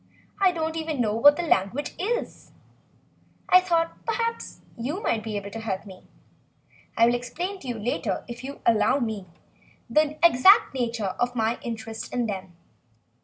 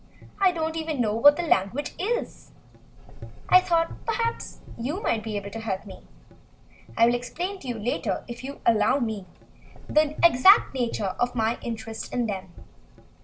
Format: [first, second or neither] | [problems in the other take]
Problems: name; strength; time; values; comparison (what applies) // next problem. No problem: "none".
first | background sound (Gurgling / Engine); 15 dB below the speech